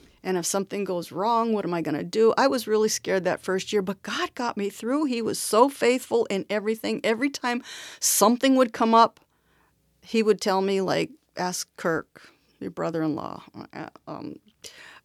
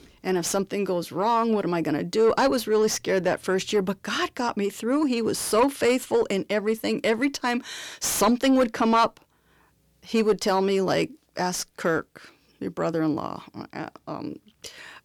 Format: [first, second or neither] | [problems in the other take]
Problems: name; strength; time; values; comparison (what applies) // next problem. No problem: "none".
first | distortion; slight; 10 dB below the speech